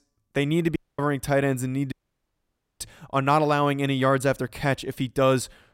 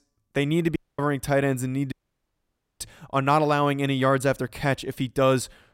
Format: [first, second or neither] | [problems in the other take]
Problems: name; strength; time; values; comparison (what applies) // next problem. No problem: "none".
neither | audio cutting out; at 1 s and at 2 s for 1 s; the same in both